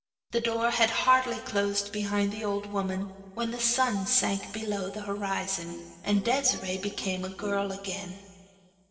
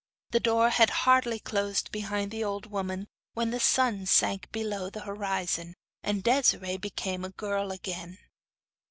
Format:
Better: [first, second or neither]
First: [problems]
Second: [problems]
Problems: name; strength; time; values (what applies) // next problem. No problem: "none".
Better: second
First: noise reduction (neural separator model SepFormer DNS4)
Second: none